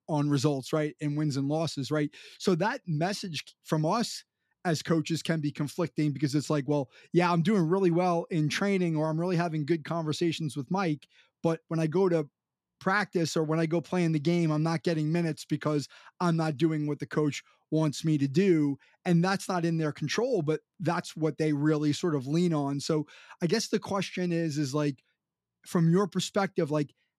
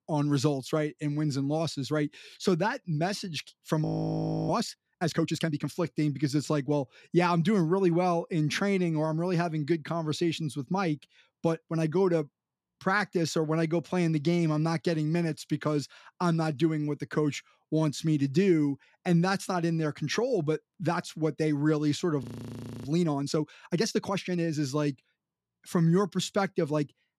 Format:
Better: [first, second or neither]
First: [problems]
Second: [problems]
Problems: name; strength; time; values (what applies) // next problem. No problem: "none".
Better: first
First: none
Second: audio freezing; at 4 s for 0.5 s and at 22 s for 0.5 s